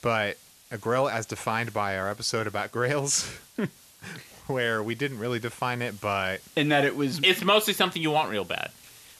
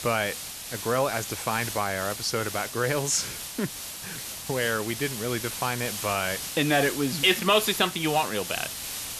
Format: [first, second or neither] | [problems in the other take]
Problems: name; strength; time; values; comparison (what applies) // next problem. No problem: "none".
first | hiss; loud; throughout; 7 dB below the speech; faint in the first